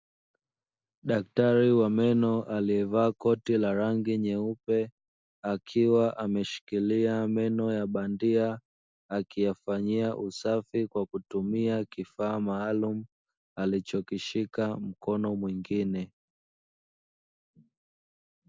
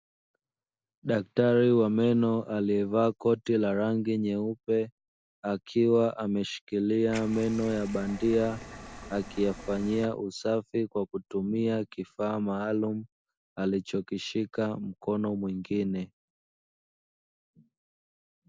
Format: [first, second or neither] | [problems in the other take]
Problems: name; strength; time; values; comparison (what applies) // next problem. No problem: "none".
first | background sound (Liquid); 14 dB below the speech